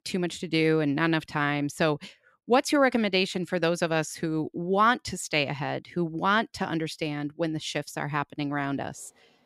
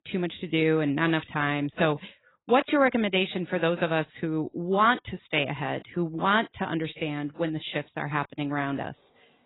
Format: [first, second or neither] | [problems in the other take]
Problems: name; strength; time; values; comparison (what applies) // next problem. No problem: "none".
first | garbled, watery; badly; nothing above 4 kHz